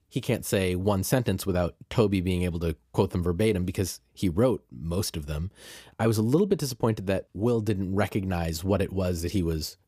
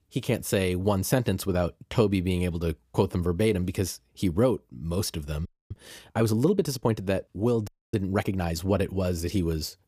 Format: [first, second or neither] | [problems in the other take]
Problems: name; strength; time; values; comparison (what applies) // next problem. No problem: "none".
first | audio freezing; at 5.5 s and at 7.5 s